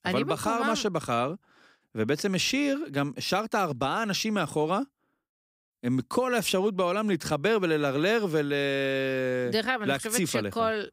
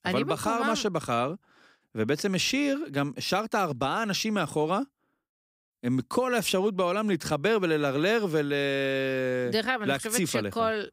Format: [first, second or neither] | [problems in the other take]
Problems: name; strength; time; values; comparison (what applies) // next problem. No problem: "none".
neither | none